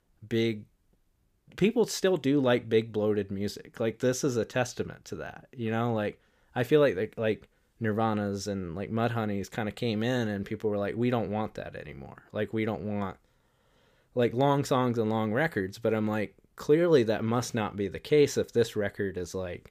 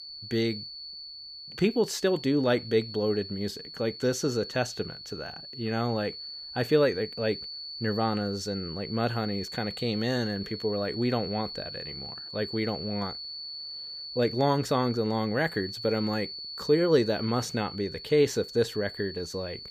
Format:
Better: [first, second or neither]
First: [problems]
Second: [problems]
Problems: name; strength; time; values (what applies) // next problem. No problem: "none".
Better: first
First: none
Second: high-pitched whine; loud; throughout; 4.5 kHz, 9 dB below the speech